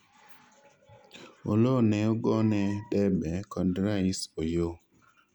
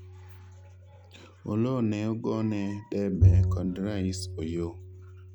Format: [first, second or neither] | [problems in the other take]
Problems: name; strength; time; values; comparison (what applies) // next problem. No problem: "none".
first | background sound (Bowed string instrument); 1 dB above the speech